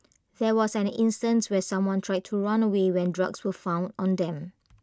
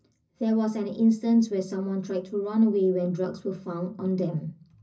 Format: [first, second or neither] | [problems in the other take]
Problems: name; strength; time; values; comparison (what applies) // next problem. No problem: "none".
first | room echo; dies away in 0.4 s